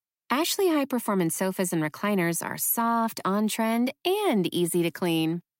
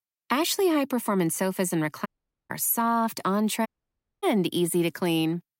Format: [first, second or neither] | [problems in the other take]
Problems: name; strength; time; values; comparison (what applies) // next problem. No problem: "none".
first | audio cutting out; at 2 s and at 3.5 s for 0.5 s